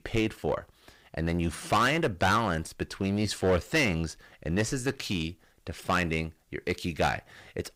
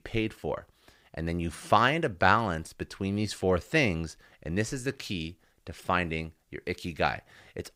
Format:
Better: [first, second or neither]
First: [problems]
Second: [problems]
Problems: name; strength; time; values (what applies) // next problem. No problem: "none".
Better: second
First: distortion; heavy; 6% of the sound clipped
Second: none